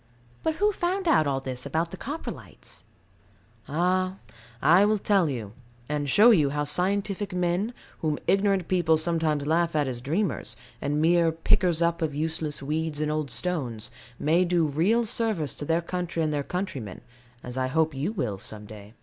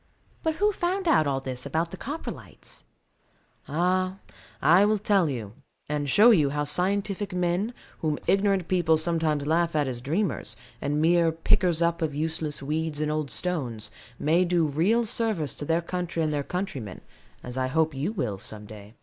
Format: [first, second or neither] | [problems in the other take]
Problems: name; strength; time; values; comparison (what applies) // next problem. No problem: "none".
first | noise reduction (neural mask model Resemble Enhance denoiser)